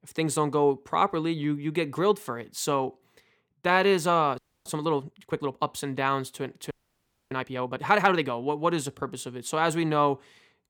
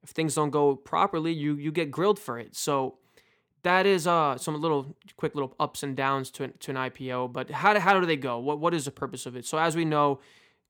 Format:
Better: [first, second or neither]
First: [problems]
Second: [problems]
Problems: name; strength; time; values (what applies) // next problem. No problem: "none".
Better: second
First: audio freezing; at 4.5 s and at 6.5 s for 0.5 s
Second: none